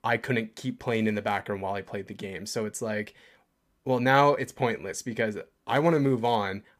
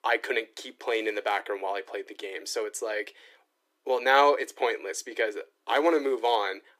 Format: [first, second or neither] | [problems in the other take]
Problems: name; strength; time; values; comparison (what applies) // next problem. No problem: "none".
first | thin; very; fading below 300 Hz